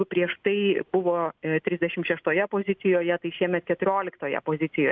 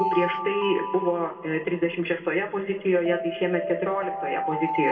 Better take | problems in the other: first | background sound (Alarm); 6 dB below the speech // room echo; dies away in 1.8 s

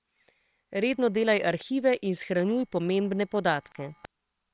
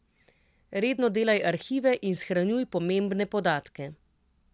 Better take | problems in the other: second | noise reduction (neural separator model SepFormer WHAM!)

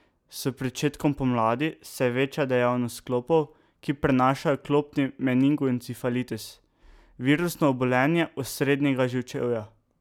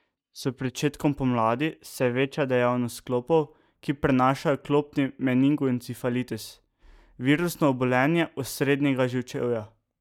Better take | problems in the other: first | noise reduction (neural mask model DeepFilterNet 3)

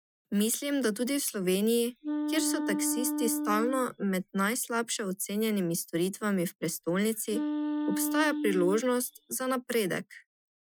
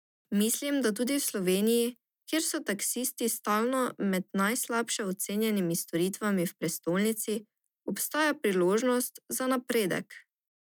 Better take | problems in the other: second | noise reduction (classical method Wiener filter)

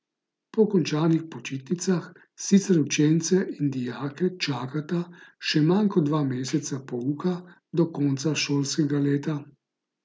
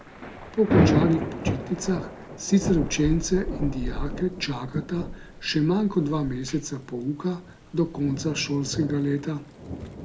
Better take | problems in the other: first | background sound (Thunder / Rain); 3 dB below the speech

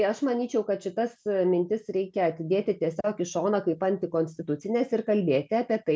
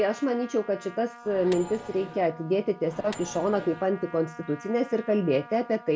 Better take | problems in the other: first | background sound (Microwave oven + Trumpet); 17 dB below the speech

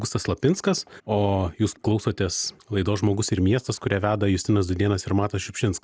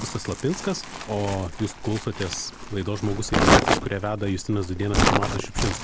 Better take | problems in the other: first | background sound (Crumpling, crinkling); 2 dB above the speech

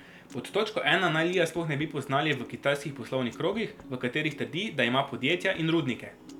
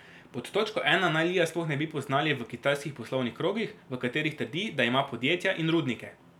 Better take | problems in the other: second | background sound (Piano); 19 dB below the speech

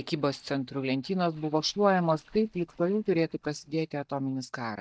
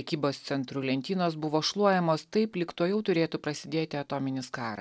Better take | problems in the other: second | noise reduction (neural mask model DeepFilterNet 3)

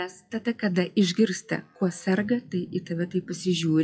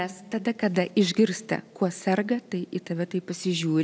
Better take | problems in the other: second | noise reduction (classical method WPE with log-MMSE)

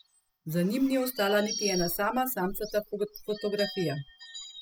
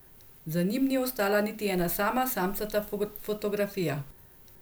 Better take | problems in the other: second | noise reduction (classical method spectral subtraction)

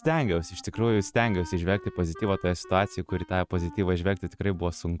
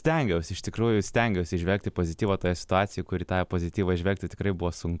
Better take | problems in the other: second | noise reduction (neural mask model RNNoise)

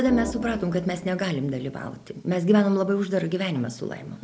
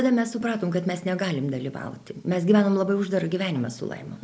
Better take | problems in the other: second | background sound (Organ); 12 dB below the speech

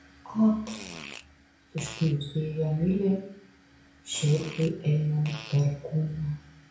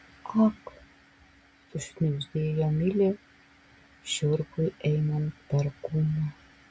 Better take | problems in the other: second | background sound (Fart); 17 dB below the speech // room echo; dies away in 0.5 s

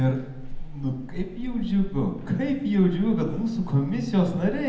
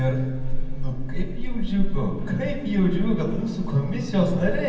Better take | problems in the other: first | room echo; dies away in 1.6 s

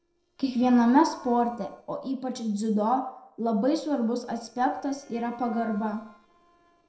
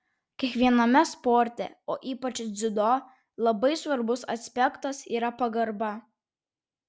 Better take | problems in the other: second | noise reduction (neural separator model SepFormer DNS4)

